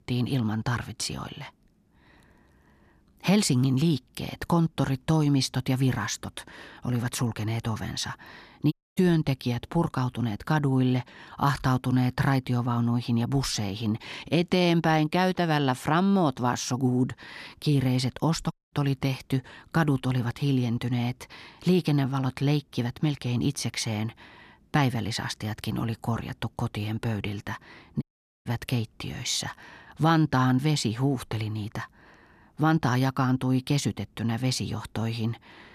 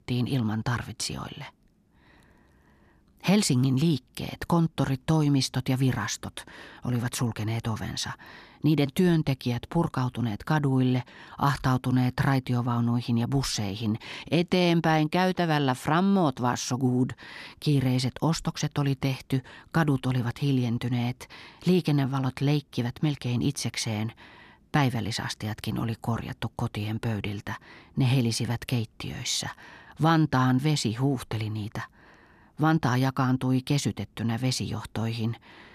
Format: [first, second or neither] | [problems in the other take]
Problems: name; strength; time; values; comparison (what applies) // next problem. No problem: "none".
second | audio cutting out; at 8.5 s, at 19 s and at 28 s